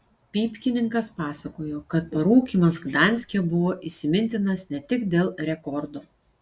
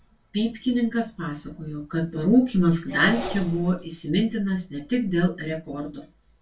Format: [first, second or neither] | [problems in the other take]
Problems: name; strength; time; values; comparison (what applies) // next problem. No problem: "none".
first | background sound (Engine); 18 dB below the speech // room echo; dies away in 0.2 s